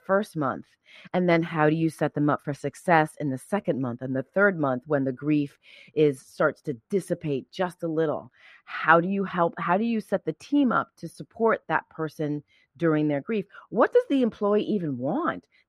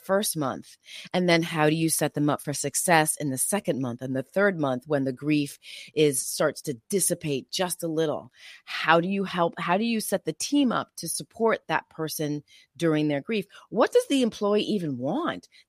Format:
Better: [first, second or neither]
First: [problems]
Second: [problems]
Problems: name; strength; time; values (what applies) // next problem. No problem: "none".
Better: second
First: muffled; very; fading above 3.5 kHz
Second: none